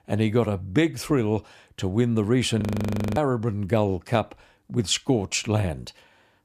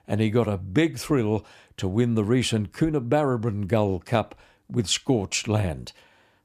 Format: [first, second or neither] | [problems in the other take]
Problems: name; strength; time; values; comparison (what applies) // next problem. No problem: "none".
second | audio freezing; at 2.5 s for 0.5 s